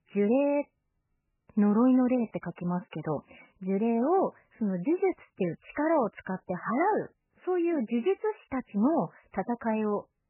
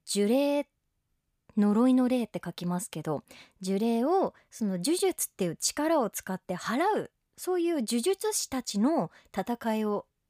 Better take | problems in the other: second | garbled, watery; badly; nothing above 3 kHz

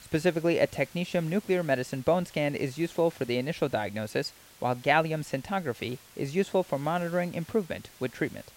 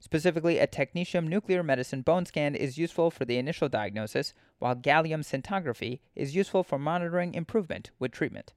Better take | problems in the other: second | hiss; faint; throughout; 20 dB below the speech

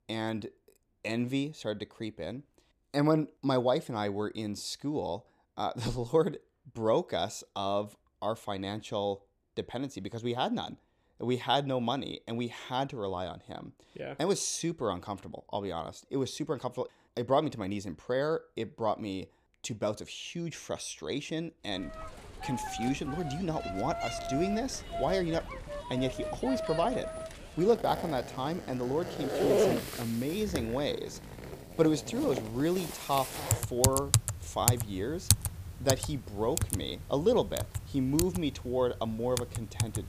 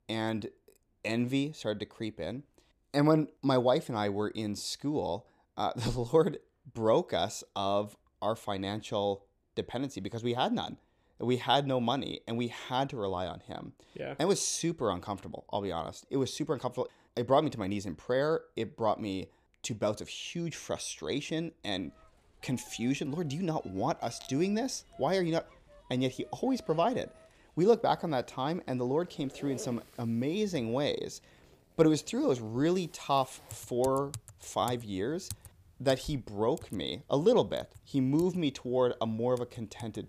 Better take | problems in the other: second | household noises; loud; from 22 s on; 1 dB below the speech; faint in the second

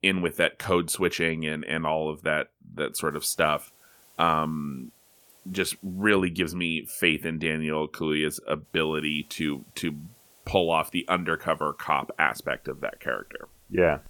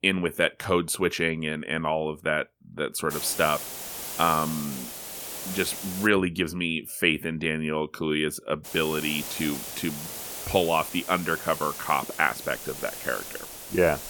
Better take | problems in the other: first | hiss; loud; from 3 to 6 s and from 8.5 s on; 8 dB below the speech; faint in the first

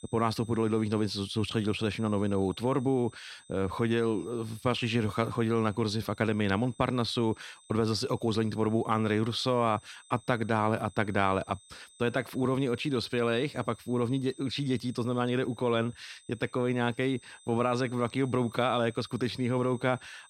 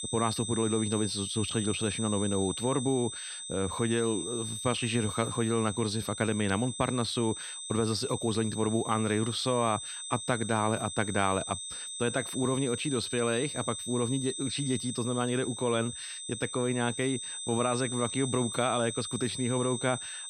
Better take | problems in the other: first | high-pitched whine; loud; throughout; 8 kHz, 6 dB below the speech; faint in the first

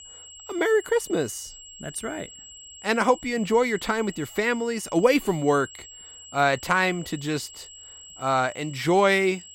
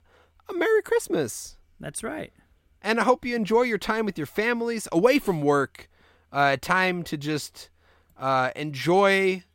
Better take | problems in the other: second | high-pitched whine; noticeable; throughout; 3 kHz, 20 dB below the speech

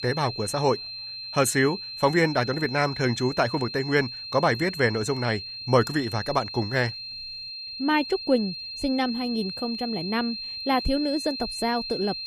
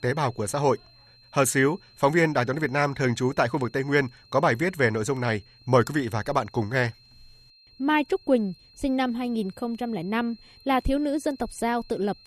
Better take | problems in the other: second | high-pitched whine; loud; throughout; 4 kHz, 8 dB below the speech; faint in the second

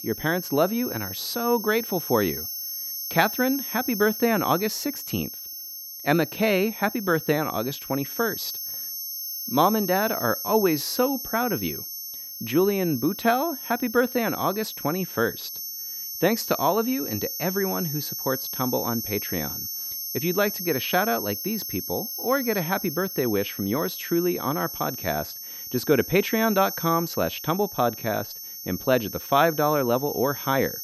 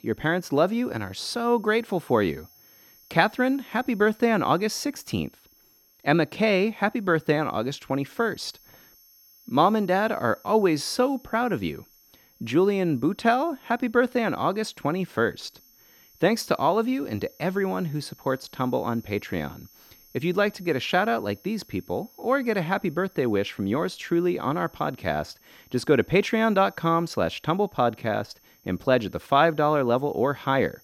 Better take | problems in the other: second | high-pitched whine; loud; throughout; 12 kHz, 6 dB below the speech; faint in the second

